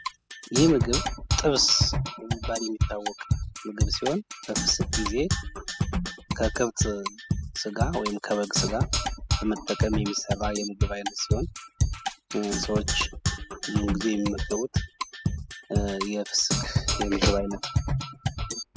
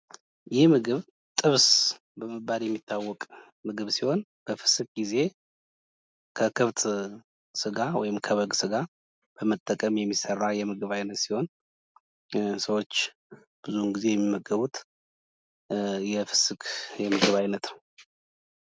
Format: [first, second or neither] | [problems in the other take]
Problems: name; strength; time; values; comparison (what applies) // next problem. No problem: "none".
second | noise reduction (classical method spectral subtraction)